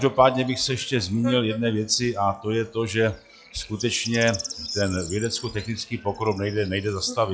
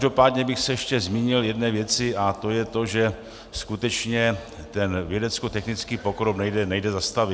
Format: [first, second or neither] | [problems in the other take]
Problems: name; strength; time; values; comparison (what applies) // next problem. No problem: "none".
second | noise reduction (classical method log-MMSE)